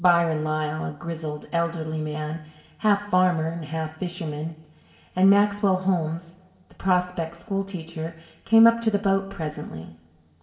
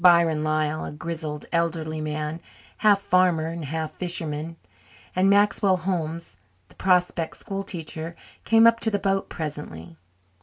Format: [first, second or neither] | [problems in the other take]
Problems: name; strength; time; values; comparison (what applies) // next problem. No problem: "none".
second | room echo; dies away in 1.8 s